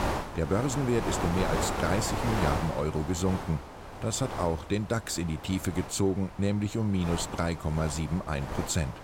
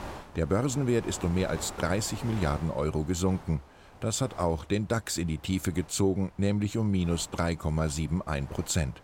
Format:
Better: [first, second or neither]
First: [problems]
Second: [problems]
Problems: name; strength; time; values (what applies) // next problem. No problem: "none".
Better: second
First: wind noise on the microphone; heavy; 2 dB below the speech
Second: wind noise on the microphone; occasional gusts; 15 dB below the speech